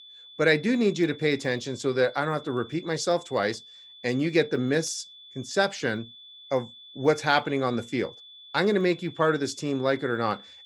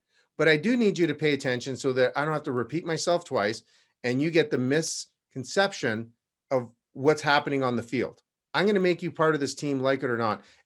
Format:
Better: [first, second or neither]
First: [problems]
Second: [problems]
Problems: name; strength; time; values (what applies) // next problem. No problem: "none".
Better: second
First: high-pitched whine; noticeable; throughout; 3.5 kHz, 20 dB below the speech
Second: none